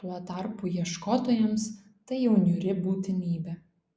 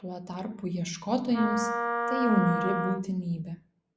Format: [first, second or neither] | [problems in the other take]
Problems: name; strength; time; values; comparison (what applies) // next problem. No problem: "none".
first | background sound (Wind instrument, woodwind instrument); 2 dB below the speech